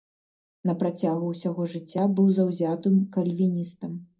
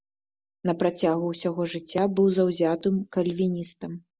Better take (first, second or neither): second